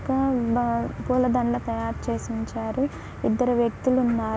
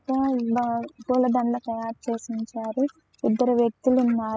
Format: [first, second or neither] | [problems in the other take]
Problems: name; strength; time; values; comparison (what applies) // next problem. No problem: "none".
first | noise reduction (classical method spectral subtraction)